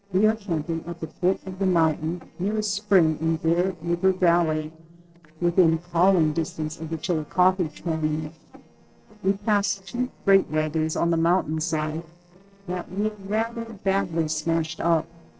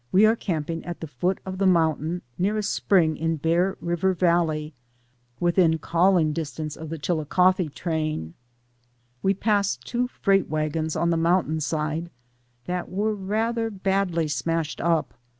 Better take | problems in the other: second | noise reduction (neural separator model SepFormer DNS4)

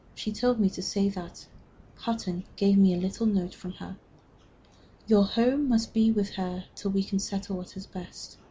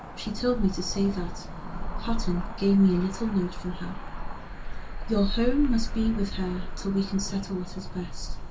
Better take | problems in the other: first | background sound (Cricket / Motor vehicle (road)); 3 dB below the speech // room echo; dies away in 0.2 s

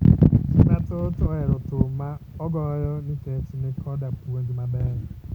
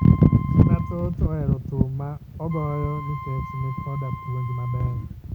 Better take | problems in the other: first | background sound (Wind instrument, woodwind instrument); 17 dB below the speech

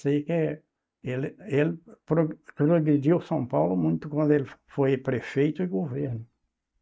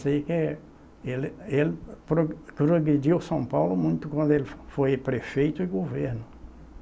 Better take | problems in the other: second | noise reduction (neural mask model DeepFilterNet 3)

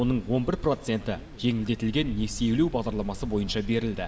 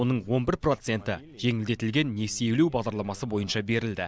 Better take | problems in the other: second | background sound (Stream); 11 dB below the speech // room echo; dies away in 1.2 s

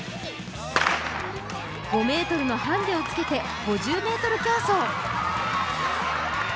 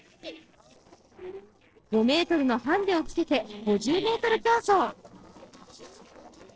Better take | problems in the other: first | noise reduction (neural separator model SepFormer DNS4)

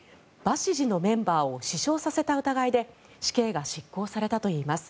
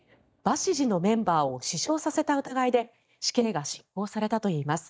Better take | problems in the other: first | noise reduction (neural mask model DeepFilterNet 3)

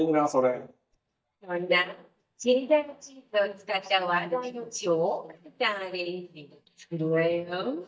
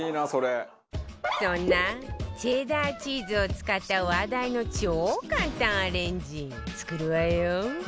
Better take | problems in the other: second | noise reduction (neural mask model DeepFilterNet 3)

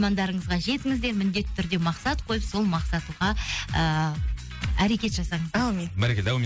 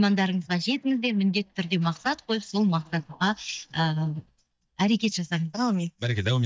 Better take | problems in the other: first | noise reduction (neural mask model DeepFilterNet 3)

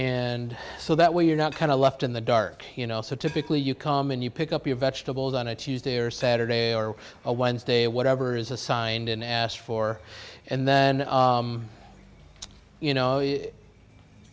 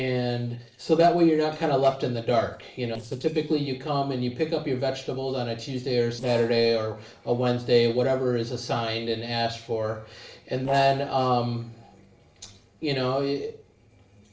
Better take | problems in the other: first | noise reduction (neural separator model SepFormer DNS4)

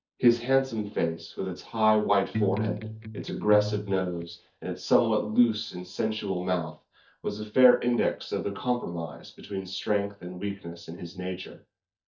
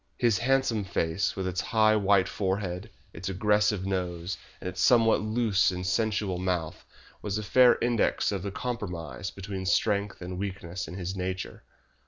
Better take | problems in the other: second | noise reduction (neural mask model DeepFilterNet 3)

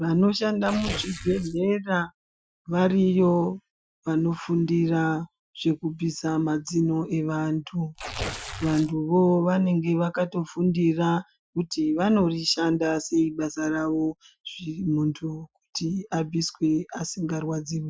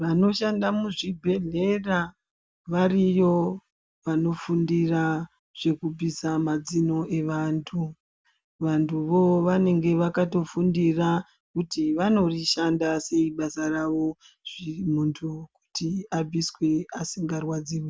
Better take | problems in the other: second | noise reduction (classical method Wiener filter)

